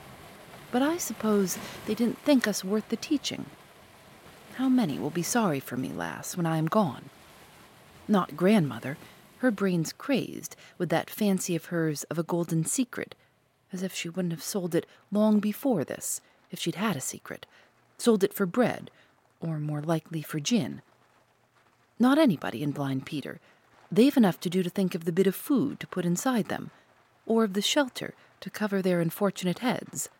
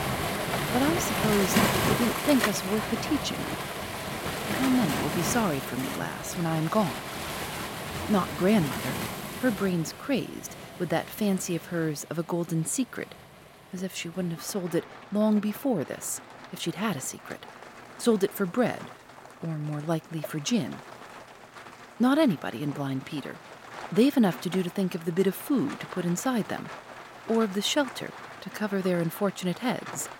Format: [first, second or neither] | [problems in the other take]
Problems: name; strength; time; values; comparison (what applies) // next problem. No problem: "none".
first | rain or running water; loud; throughout; 4 dB below the speech; faint in the first